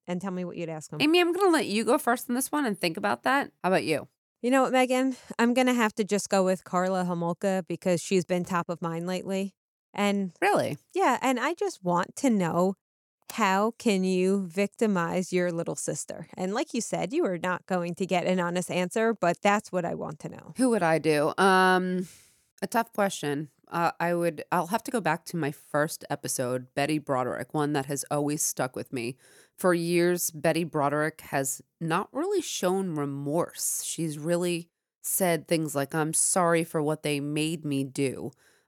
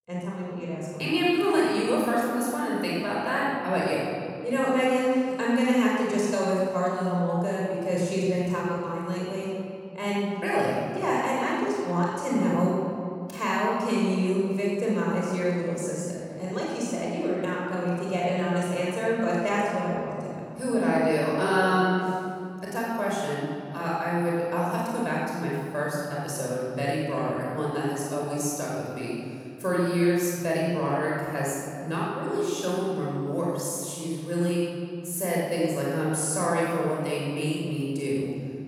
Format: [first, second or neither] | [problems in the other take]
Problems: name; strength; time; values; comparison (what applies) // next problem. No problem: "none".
first | off-mic speech; far // room echo; strong; dies away in 2.2 s